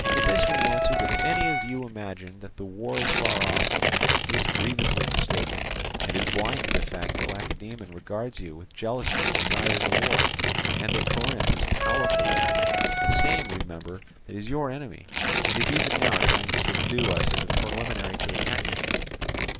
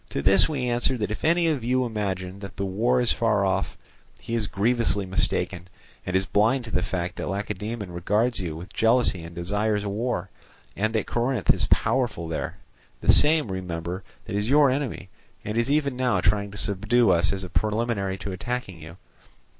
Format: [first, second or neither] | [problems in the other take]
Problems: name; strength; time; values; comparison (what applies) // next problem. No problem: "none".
second | background sound (Tearing + Wind instrument, woodwind instrument); 5 dB above the speech